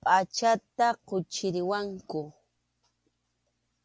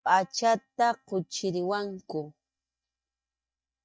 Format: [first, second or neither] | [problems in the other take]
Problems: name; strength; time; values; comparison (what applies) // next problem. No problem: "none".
first | noise reduction (neural mask model DeepFilterNet 3)